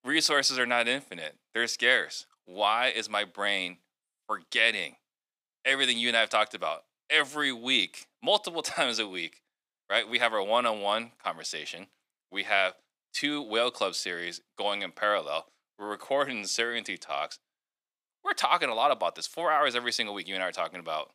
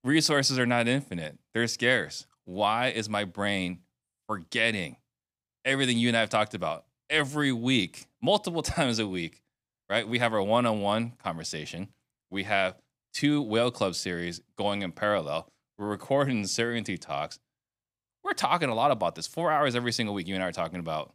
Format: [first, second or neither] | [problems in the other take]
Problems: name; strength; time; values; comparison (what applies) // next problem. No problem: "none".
second | thin; somewhat; fading below 400 Hz